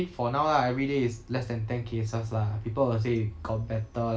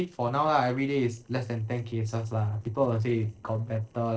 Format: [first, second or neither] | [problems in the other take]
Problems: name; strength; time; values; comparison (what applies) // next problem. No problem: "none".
first | noise reduction (neural separator model SepFormer DNS4)